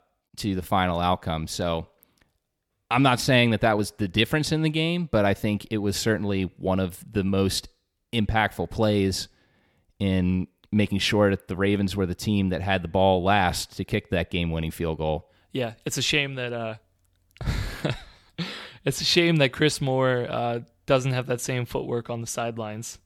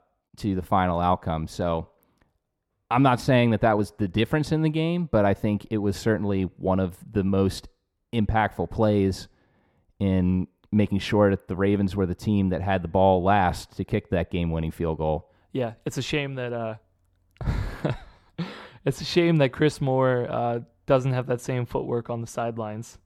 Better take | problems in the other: first | muffled; slightly; fading above 2 kHz

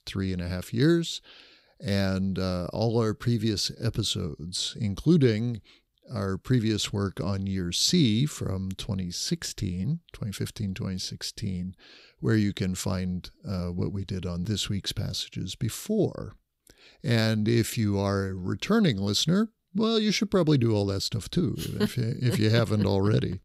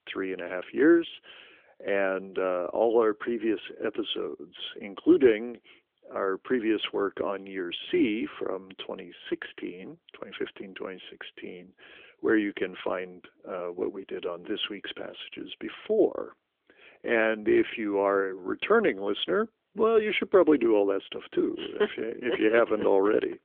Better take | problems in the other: first | phone-call audio; nothing above 3.5 kHz

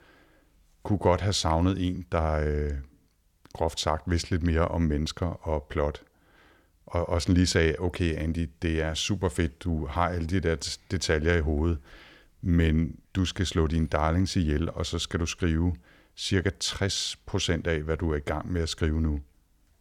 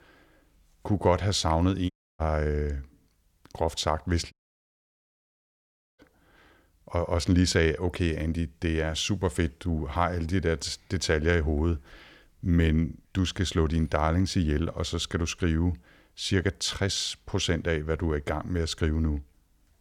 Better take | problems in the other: first | audio cutting out; at 2 s and at 4.5 s for 1.5 s

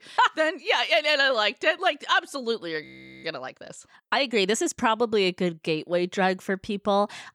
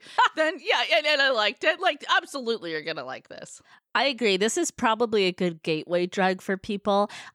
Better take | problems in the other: second | audio freezing; at 3 s

